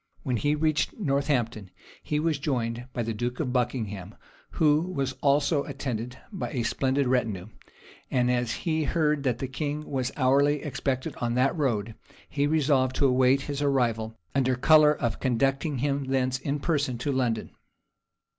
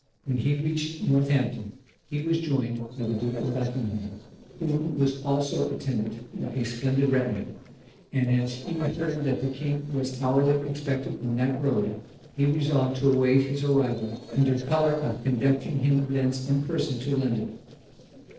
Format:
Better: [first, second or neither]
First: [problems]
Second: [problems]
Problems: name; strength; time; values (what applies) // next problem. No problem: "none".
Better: first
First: none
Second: noise reduction (neural separator model SepFormer DNS4)